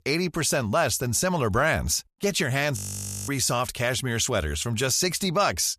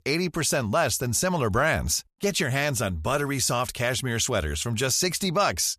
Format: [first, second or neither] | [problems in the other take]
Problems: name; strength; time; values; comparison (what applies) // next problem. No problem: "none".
second | audio freezing; at 3 s for 0.5 s